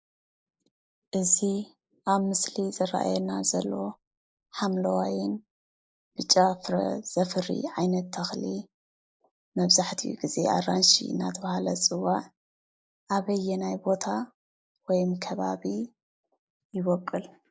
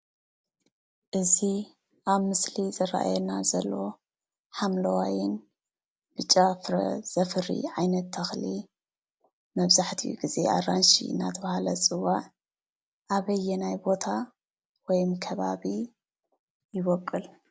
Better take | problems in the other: second | noise reduction (neural mask model Resemble Enhance denoiser)

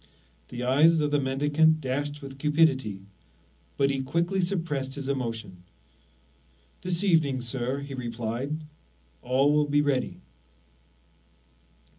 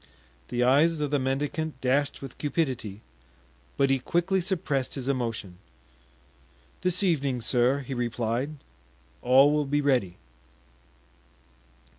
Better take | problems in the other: second | room echo; dies away in 0.4 s

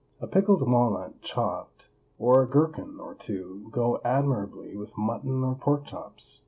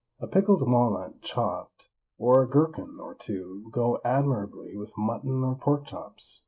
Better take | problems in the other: first | noise reduction (neural mask model Resemble Enhance denoiser)

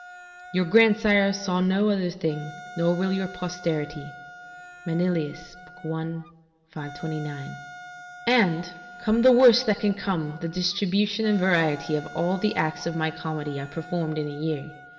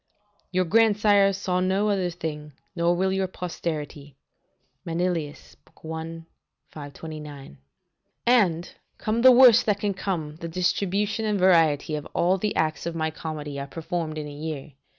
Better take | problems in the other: second | background sound (Wind instrument, woodwind instrument); 18 dB below the speech // room echo; dies away in 2.1 s

